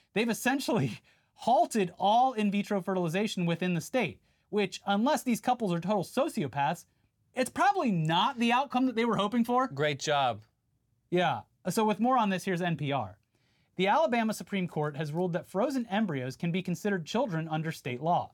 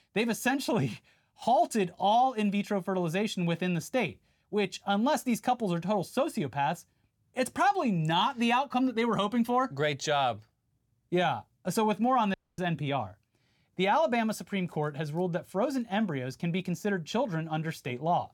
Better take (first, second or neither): first